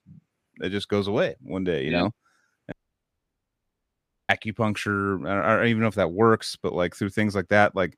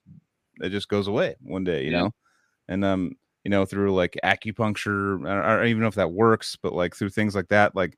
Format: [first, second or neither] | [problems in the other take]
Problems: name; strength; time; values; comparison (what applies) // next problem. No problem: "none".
second | audio cutting out; at 2.5 s for 1.5 s